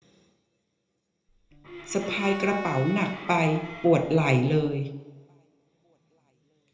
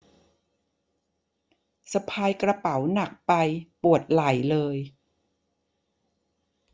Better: second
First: background sound (Bowed string instrument); 12 dB below the speech // room echo; dies away in 0.7 s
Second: none

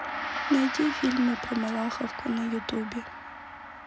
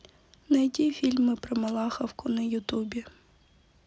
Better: second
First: background sound (Gong); 6 dB below the speech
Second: none

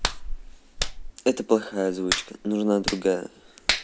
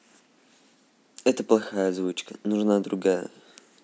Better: second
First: background sound (Hands); 4 dB below the speech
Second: none

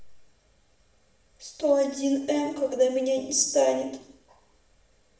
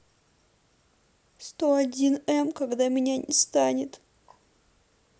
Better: second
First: room echo; dies away in 0.7 s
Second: none

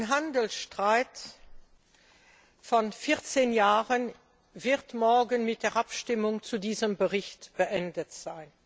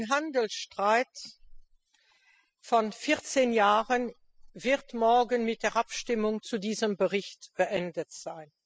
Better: first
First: none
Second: noise reduction (classical method spectral subtraction)

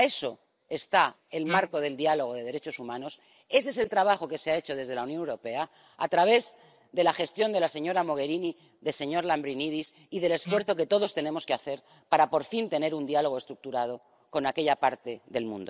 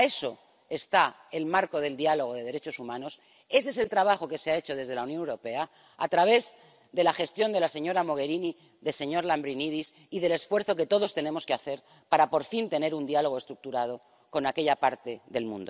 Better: second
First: noise reduction (neural mask model Resemble Enhance denoiser)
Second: none

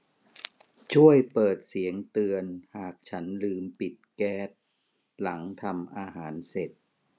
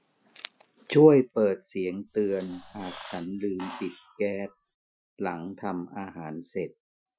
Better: first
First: none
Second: noise reduction (classical method Wiener filter)

